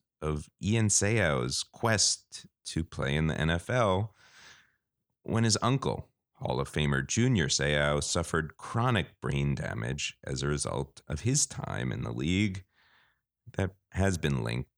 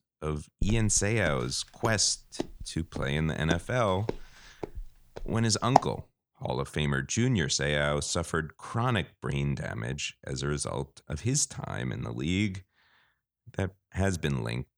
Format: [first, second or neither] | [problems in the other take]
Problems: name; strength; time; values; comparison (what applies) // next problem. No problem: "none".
first | footsteps; loud; from 0.5 to 6 s; peak 3 dB above the speech